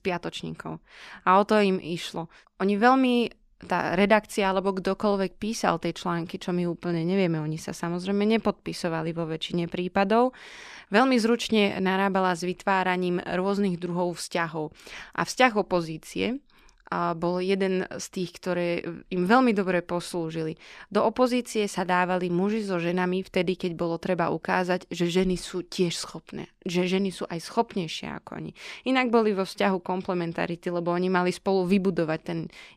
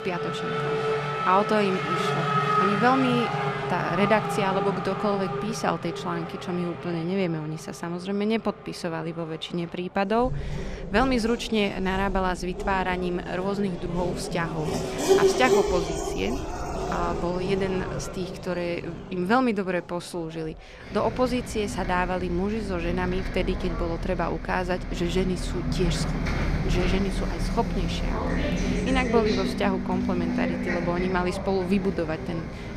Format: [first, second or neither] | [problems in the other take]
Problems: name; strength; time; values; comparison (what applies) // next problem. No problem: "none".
first | traffic noise; loud; throughout; 2 dB below the speech